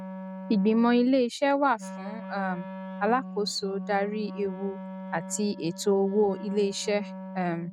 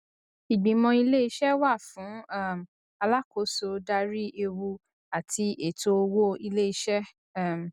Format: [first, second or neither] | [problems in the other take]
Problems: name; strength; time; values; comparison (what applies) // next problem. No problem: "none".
second | noise reduction (neural mask model RNNoise)